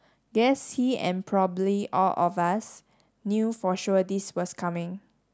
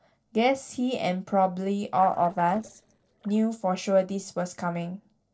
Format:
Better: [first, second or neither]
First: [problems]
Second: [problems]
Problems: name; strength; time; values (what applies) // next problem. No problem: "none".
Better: first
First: none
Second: noise reduction (neural separator model SepFormer DNS4)